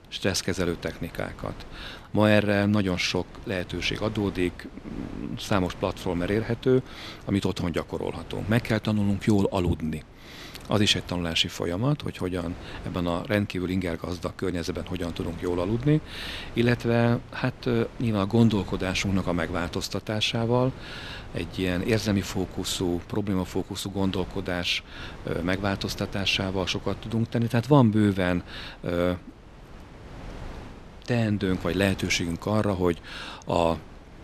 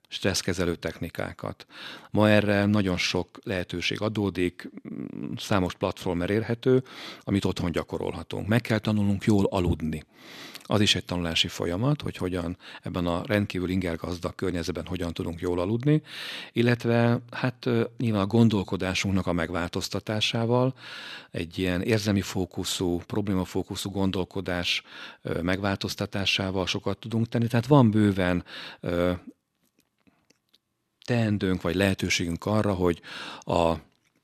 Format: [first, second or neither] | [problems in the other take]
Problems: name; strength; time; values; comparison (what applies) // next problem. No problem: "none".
second | wind noise on the microphone; occasional gusts; 20 dB below the speech